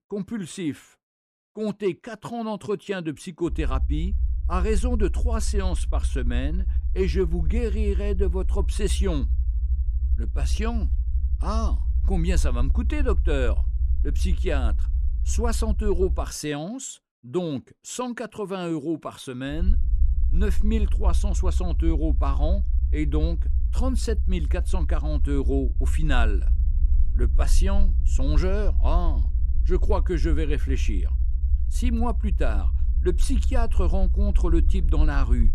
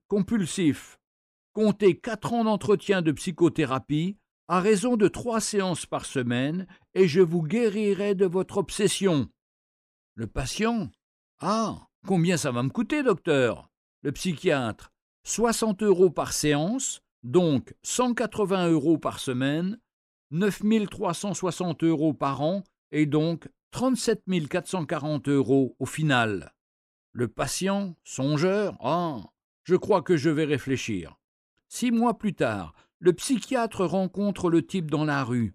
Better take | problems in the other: second | low rumble; noticeable; from 3.5 to 16 s and from 20 s on; 15 dB below the speech

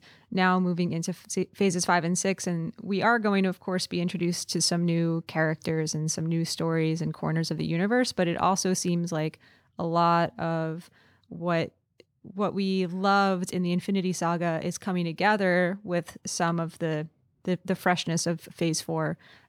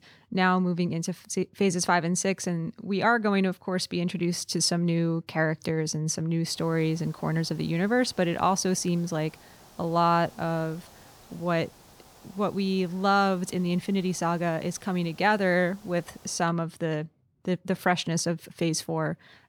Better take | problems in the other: first | hiss; faint; from 6.5 to 16 s; 25 dB below the speech

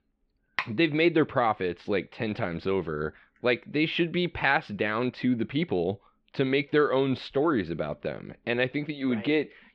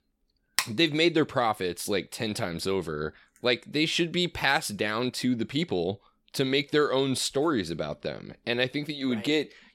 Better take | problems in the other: second | muffled; very; fading above 3 kHz

